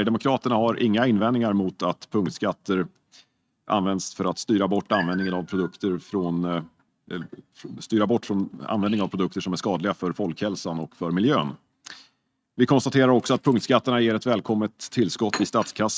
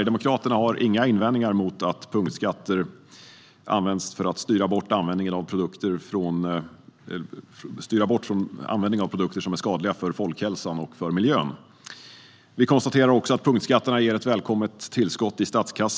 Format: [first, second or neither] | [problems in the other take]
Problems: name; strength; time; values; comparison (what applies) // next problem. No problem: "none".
second | noise reduction (neural mask model RNNoise)